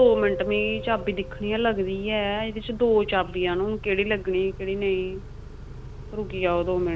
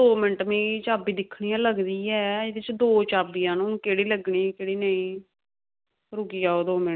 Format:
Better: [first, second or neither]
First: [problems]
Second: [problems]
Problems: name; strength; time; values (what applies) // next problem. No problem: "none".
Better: second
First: background sound (Piano + Idling / Accelerating, revving, vroom / Car); 10 dB below the speech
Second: none